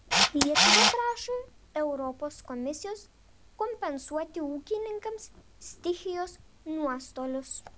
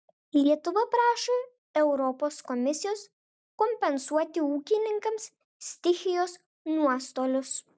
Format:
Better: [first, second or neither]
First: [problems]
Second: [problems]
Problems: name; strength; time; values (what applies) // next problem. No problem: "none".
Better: second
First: background sound (Camera); 2 dB above the speech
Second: none